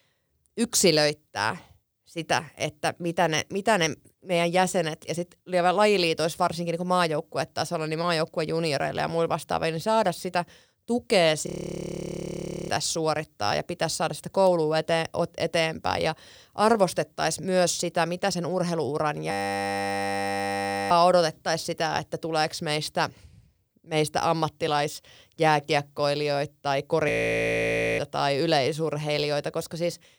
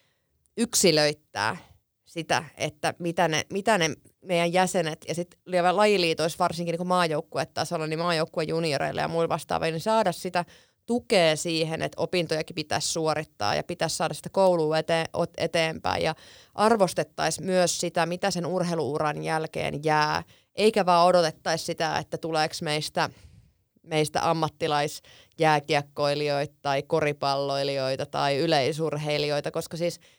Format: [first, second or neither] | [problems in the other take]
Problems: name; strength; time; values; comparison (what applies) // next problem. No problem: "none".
second | audio freezing; at 11 s for 1 s, at 19 s for 1.5 s and at 27 s for 1 s